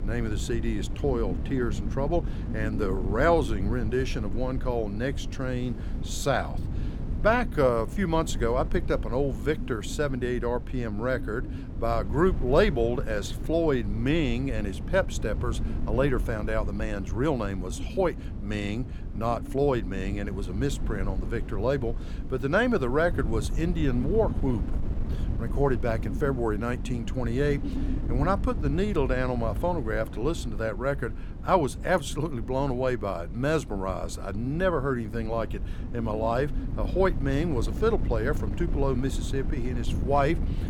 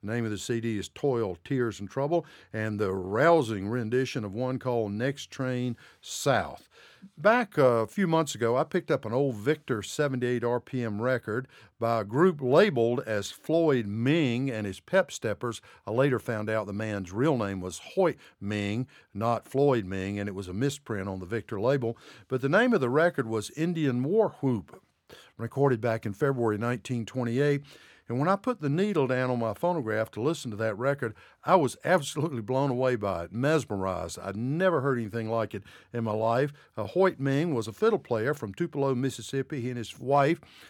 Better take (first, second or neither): second